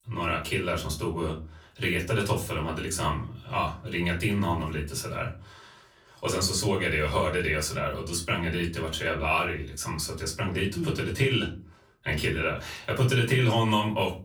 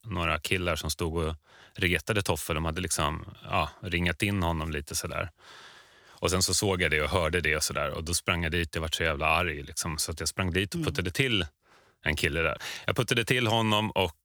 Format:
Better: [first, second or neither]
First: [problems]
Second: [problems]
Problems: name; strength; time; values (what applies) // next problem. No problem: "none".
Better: second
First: off-mic speech; far // room echo; very slight; dies away in 0.3 s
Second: none